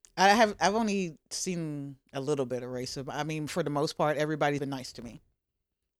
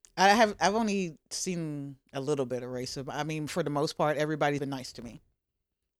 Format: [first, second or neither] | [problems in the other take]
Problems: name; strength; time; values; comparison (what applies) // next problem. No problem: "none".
neither | none